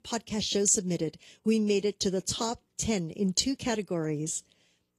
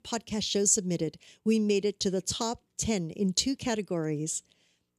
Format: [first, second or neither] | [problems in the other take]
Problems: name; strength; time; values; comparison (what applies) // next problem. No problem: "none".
second | garbled, watery; slightly